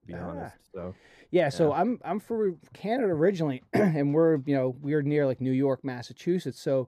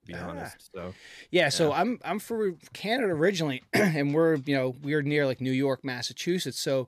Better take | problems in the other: second | muffled; slightly; fading above 1.5 kHz

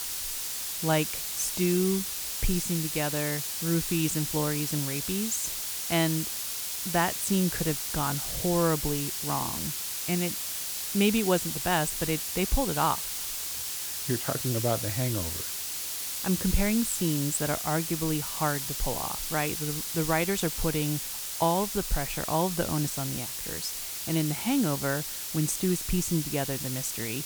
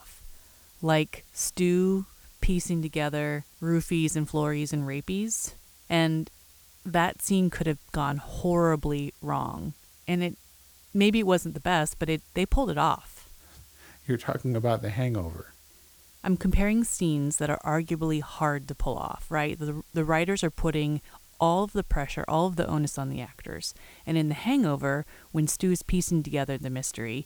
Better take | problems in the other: second | hiss; loud; throughout; 1 dB below the speech; faint in the second

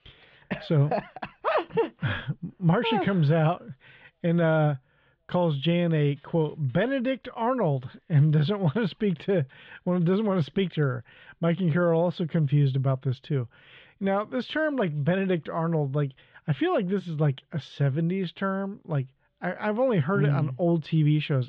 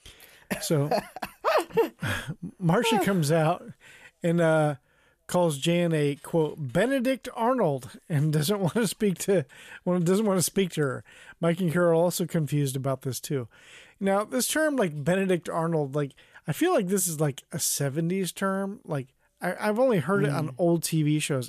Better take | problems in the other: second | muffled; very; fading above 3.5 kHz

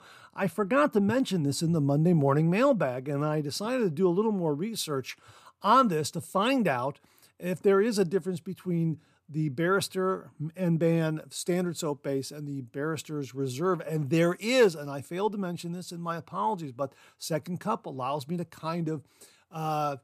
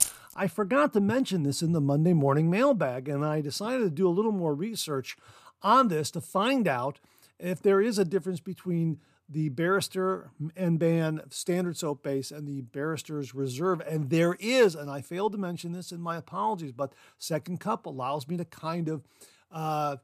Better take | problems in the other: first | jangling keys; loud; at the start; peak 2 dB above the speech

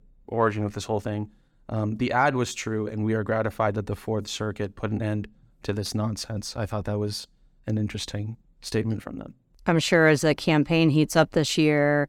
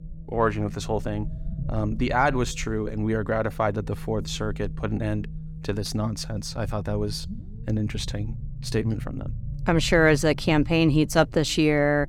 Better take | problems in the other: first | low rumble; faint; throughout; 25 dB below the speech

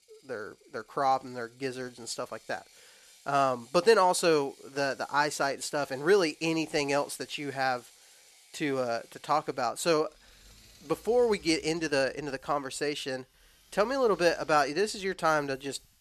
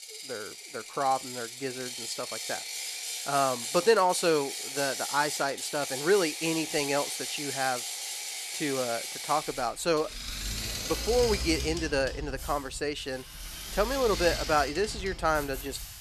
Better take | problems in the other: first | machinery noise; loud; throughout; 5 dB below the speech; faint in the first

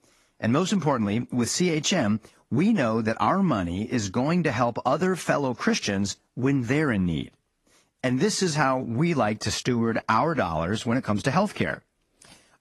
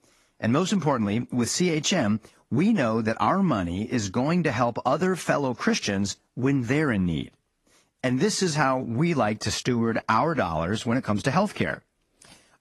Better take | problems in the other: neither | garbled, watery; slightly; nothing above 12 kHz; the same in both

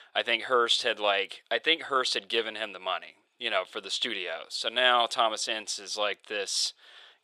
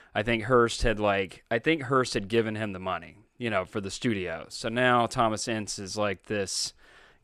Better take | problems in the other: second | thin; very; fading below 600 Hz

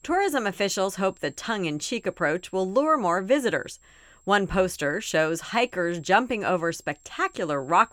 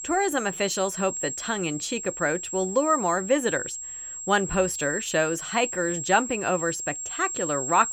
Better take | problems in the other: first | high-pitched whine; loud; throughout; 7.5 kHz, 6 dB below the speech; faint in the first

